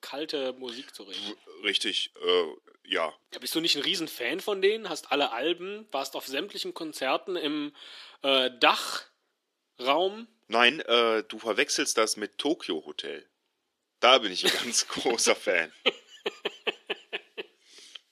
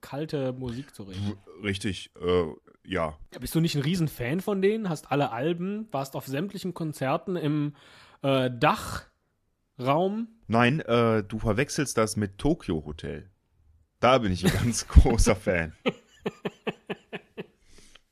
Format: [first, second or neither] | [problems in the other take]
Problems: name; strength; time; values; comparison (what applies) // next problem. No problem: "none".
second | thin; somewhat; fading below 350 Hz